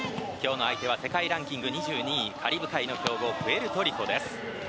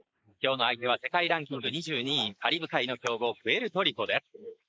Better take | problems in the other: first | noise reduction (neural mask model Resemble Enhance denoiser)

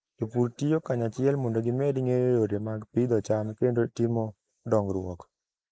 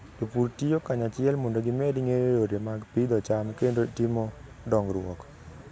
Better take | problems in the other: second | noise reduction (neural mask model Resemble Enhance denoiser)

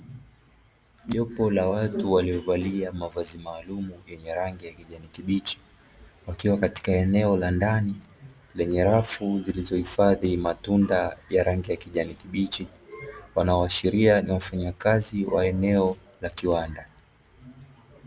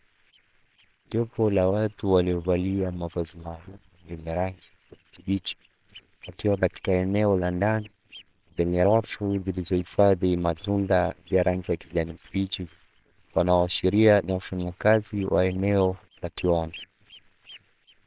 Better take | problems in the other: first | noise reduction (neural separator model SepFormer WHAMR!)

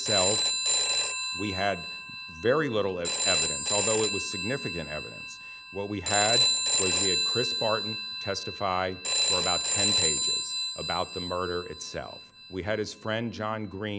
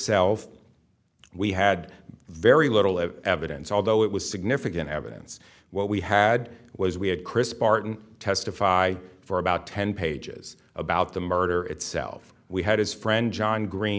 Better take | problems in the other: second | background sound (Telephone); 3 dB above the speech

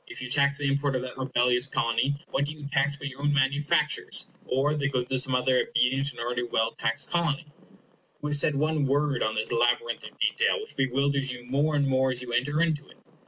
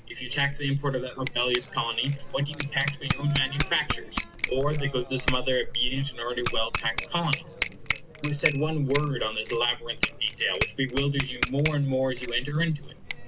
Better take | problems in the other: first | background sound (Bicycle bell); 4 dB below the speech

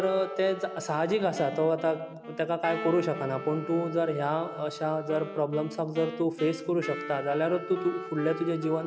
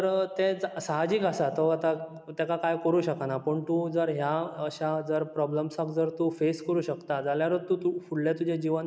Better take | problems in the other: second | background sound (Wind instrument, woodwind instrument + Wind instrument, woodwind instrument); 11 dB below the speech

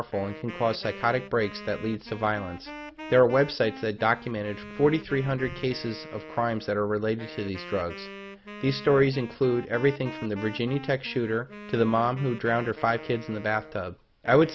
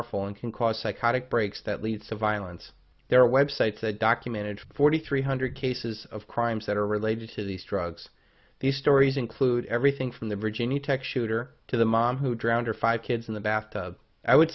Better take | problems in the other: second | background sound (Wind instrument, woodwind instrument); 15 dB below the speech

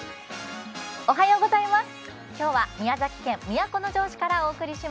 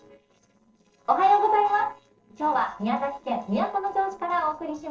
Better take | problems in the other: first | noise reduction (neural separator model SepFormer DNS4)

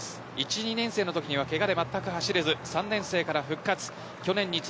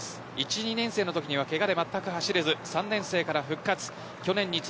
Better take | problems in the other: second | background sound (Guitar); 17 dB below the speech

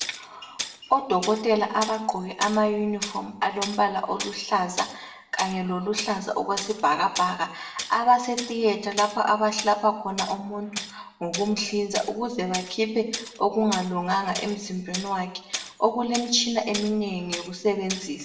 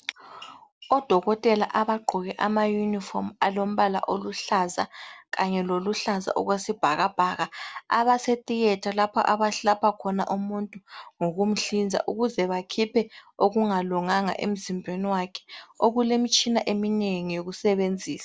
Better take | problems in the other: second | background sound (Tools); 12 dB below the speech // room echo; dies away in 0.7 s

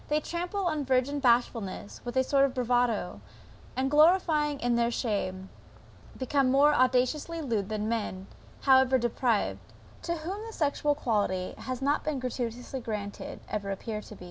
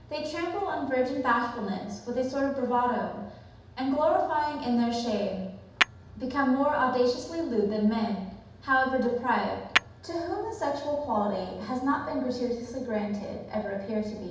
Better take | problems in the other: first | background sound (Tap / Hammer); 6 dB below the speech // room echo; dies away in 0.8 s

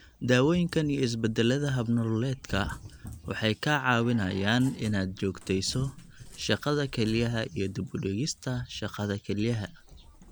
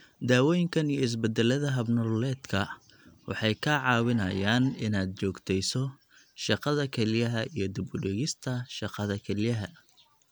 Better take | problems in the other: second | background sound (Cat); 18 dB below the speech

